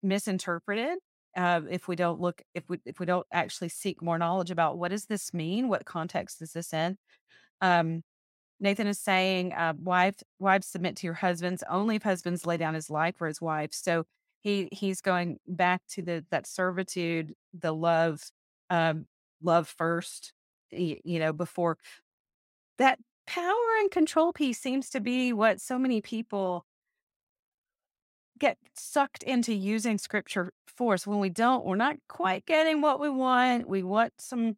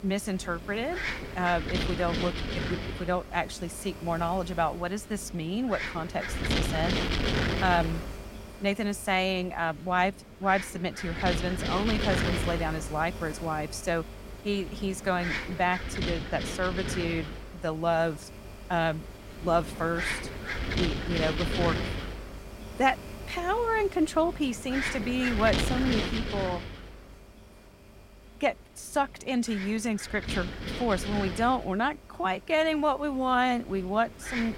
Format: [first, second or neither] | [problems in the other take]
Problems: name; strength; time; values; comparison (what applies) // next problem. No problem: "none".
first | wind noise on the microphone; heavy; 5 dB below the speech